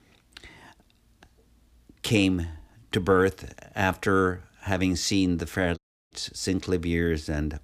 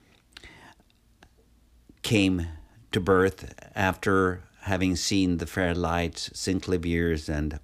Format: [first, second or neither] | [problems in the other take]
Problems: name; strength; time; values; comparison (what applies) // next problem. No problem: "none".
second | audio cutting out; at 6 s